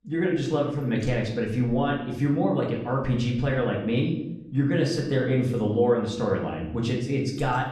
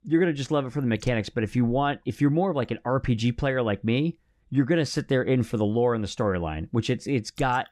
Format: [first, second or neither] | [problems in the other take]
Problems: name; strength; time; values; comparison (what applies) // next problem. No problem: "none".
second | room echo; slight; dies away in 0.7 s // off-mic speech; far